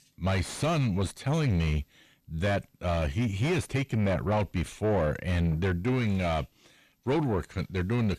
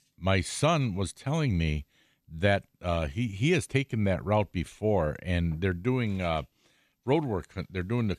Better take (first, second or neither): second